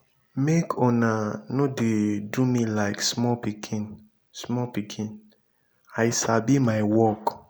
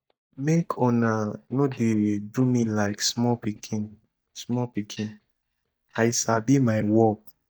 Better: first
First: none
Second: noise reduction (neural mask model DeepFilterNet 3)

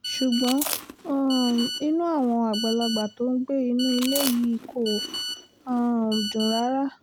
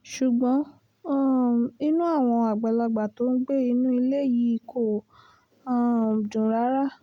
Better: second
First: background sound (Chewing, mastication + Telephone); 8 dB below the speech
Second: none

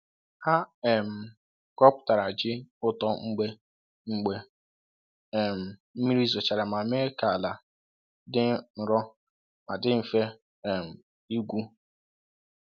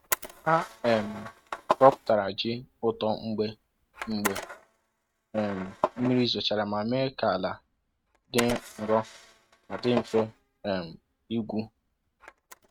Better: first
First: none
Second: noise reduction (neural mask model RNNoise)

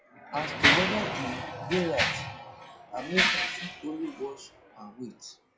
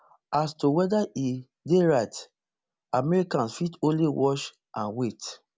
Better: second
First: noise reduction (classical method WPE with log-MMSE)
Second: none

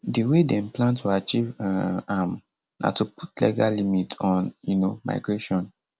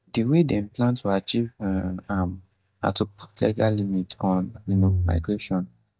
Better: first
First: none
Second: noise reduction (neural mask model DeepFilterNet 3)

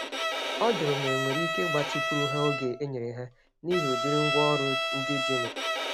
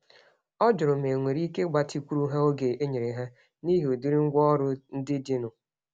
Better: second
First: background sound (Bowed string instrument); as loud as the speech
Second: none

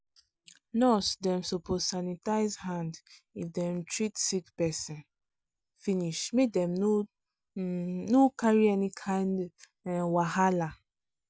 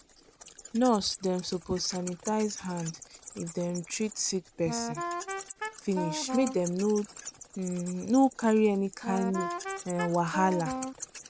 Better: first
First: none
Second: background sound (Wind instrument, woodwind instrument + Wild animals); 9 dB below the speech

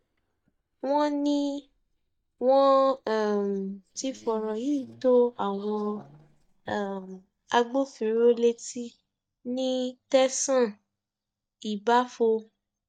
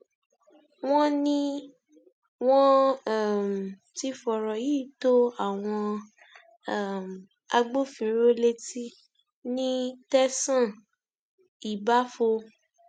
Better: second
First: noise reduction (neural mask model DeepFilterNet 3)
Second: none

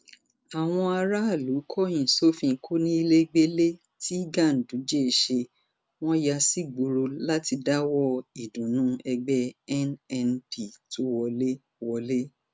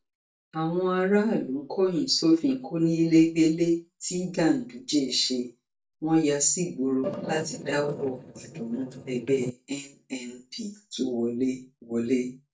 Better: first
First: none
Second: noise reduction (neural mask model DeepFilterNet 3)

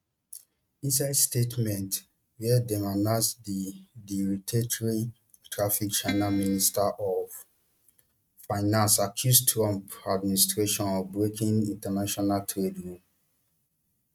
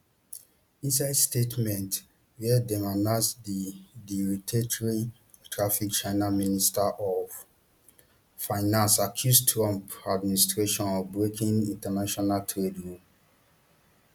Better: second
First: noise reduction (neural mask model RNNoise)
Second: none

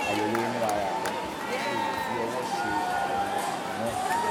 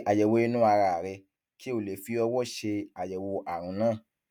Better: second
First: background sound (Crowd / Cheering); 5 dB above the speech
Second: none

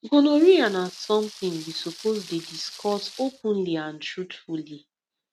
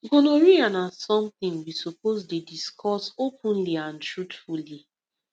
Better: second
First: background sound (Rain); 18 dB below the speech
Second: none

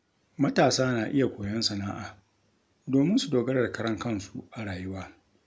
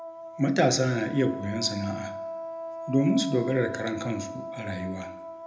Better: first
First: none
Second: background sound (Wind instrument, woodwind instrument); 10 dB below the speech // room echo; dies away in 0.7 s

